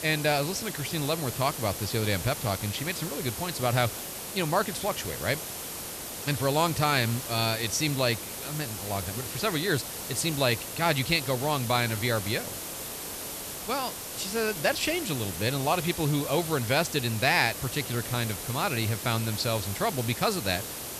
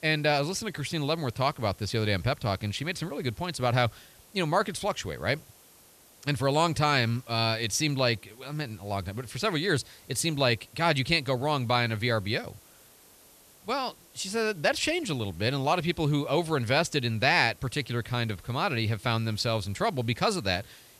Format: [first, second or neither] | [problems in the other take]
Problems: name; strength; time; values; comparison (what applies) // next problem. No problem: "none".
second | hiss; loud; throughout; 6 dB below the speech; faint in the second